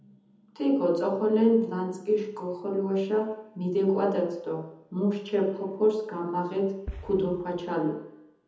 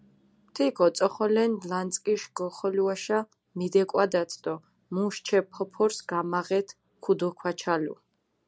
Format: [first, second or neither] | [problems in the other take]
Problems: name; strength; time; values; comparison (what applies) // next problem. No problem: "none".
second | background sound (Boom); 14 dB below the speech // room echo; dies away in 1.1 s